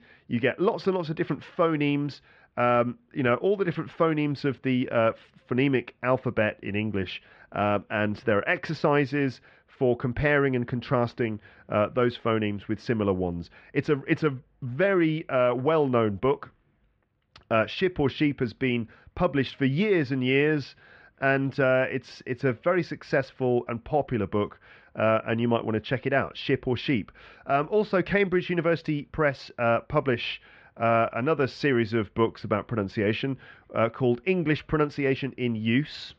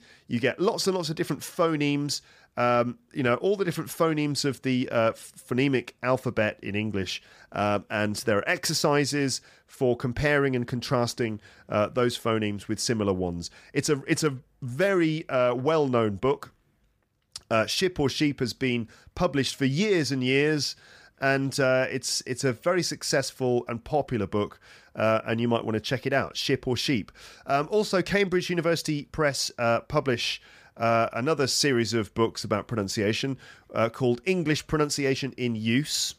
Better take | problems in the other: second | muffled; very; fading above 3 kHz

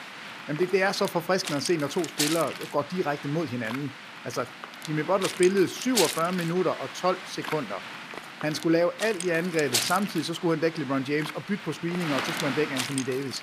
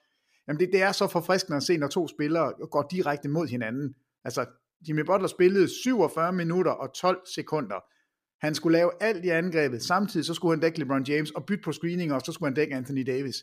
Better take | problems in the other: second | wind noise on the microphone; heavy; 5 dB below the speech

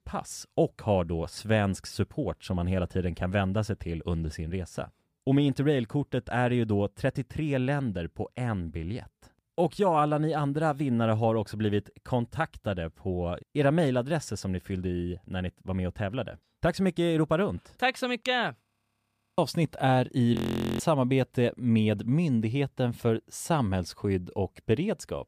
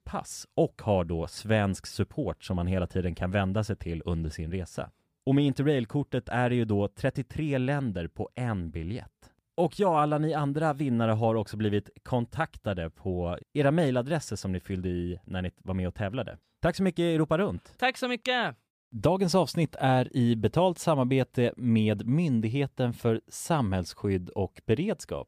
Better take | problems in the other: second | audio freezing; at 19 s for 1 s and at 20 s

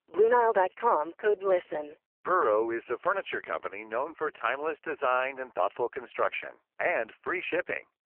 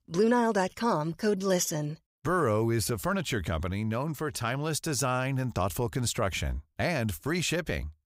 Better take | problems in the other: second | phone-call audio; poor line

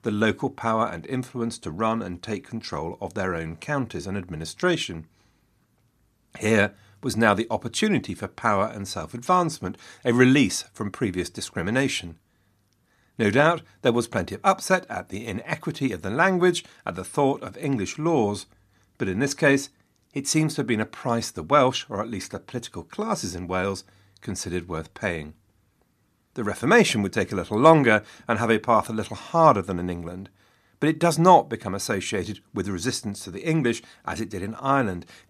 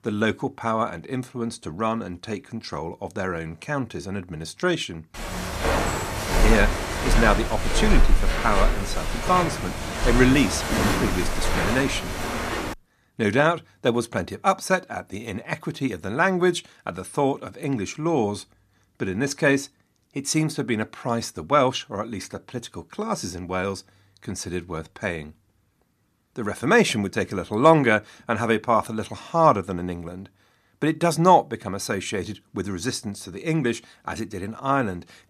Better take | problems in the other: first | footsteps; loud; from 5.5 to 13 s; peak 3 dB above the speech

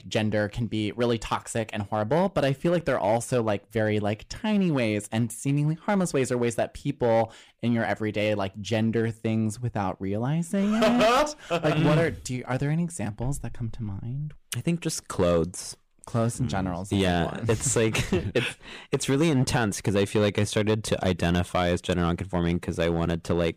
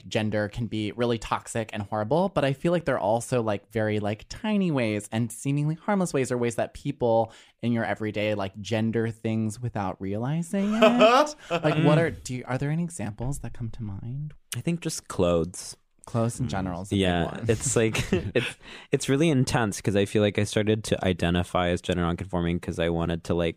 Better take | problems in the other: second | distortion; slight; 4% of the sound clipped

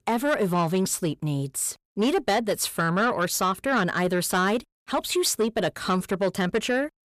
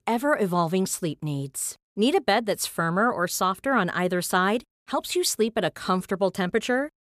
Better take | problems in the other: second | distortion; slight; 10 dB below the speech

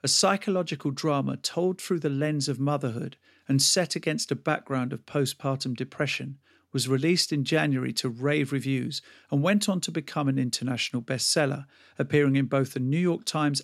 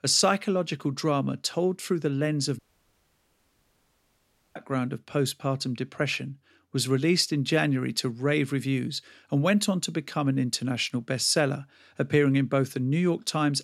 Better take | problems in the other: first | audio cutting out; at 2.5 s for 2 s

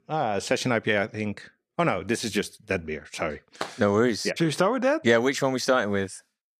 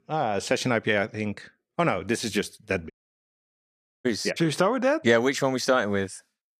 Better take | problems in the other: first | audio cutting out; at 3 s for 1 s

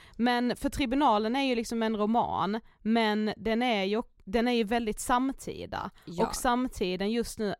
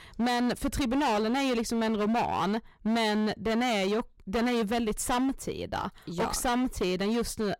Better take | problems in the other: first | distortion; heavy; 23% of the sound clipped

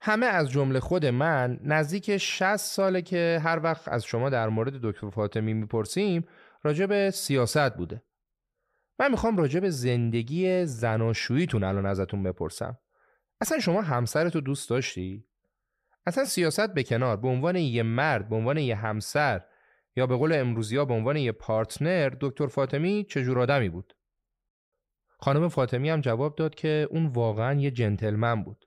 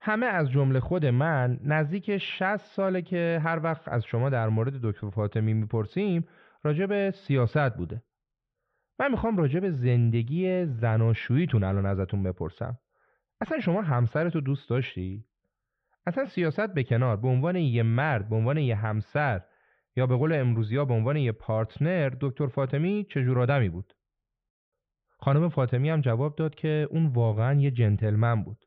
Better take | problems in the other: first | muffled; very; fading above 3.5 kHz

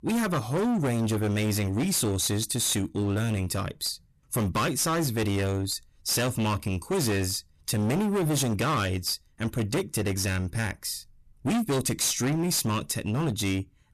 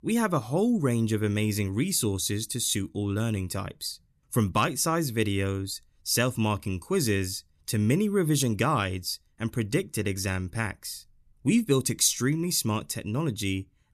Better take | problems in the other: second | distortion; heavy; 22% of the sound clipped

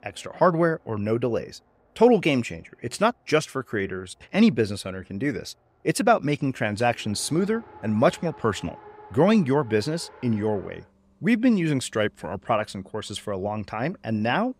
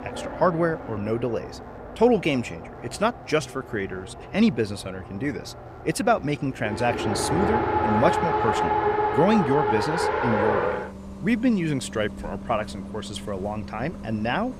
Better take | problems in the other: first | traffic noise; loud; throughout; 1 dB below the speech; faint in the first

